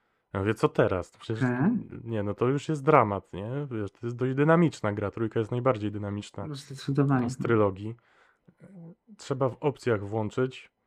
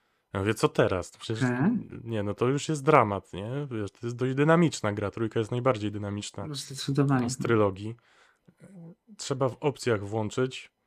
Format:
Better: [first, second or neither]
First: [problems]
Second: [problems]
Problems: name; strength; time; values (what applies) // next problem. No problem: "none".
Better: second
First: muffled; slightly; fading above 3 kHz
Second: none